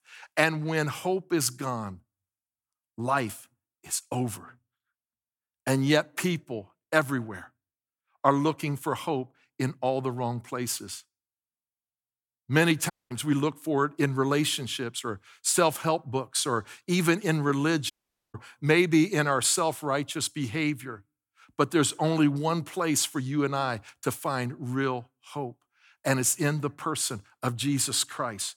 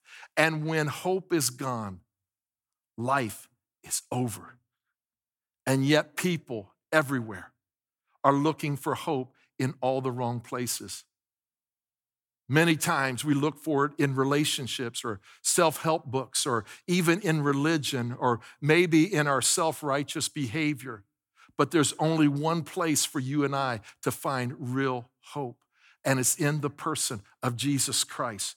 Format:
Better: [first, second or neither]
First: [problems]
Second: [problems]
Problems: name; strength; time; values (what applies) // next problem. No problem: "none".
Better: second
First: audio cutting out; at 13 s and at 18 s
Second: none